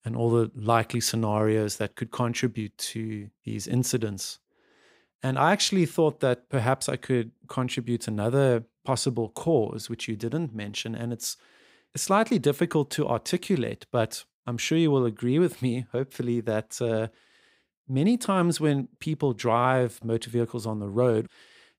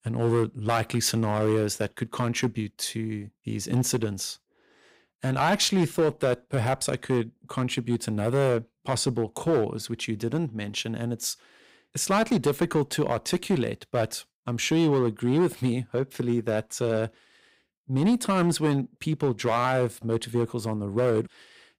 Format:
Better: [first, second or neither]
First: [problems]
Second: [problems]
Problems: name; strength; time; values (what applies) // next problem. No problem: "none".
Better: first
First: none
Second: distortion; slight; 4% of the sound clipped